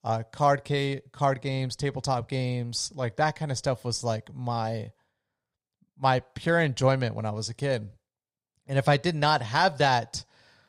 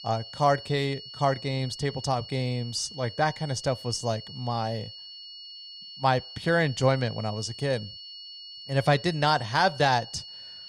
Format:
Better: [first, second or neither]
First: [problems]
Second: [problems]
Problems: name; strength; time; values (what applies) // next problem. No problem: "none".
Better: first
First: none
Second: high-pitched whine; noticeable; throughout; 4.5 kHz, 15 dB below the speech